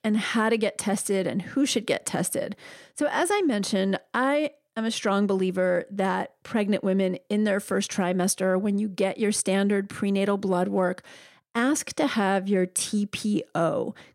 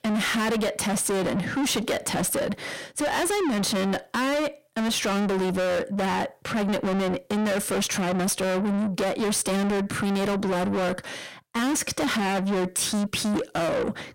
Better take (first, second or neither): first